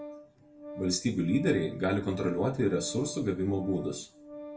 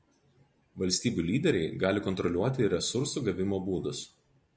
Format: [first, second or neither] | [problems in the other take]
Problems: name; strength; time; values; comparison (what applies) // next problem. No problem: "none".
second | background sound (Organ); 14 dB below the speech // room echo; dies away in 0.2 s